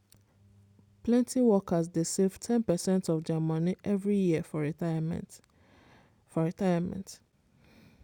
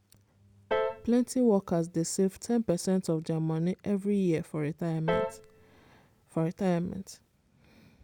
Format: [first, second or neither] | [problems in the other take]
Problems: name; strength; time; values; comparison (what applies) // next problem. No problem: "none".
first | background sound (Piano); 8 dB below the speech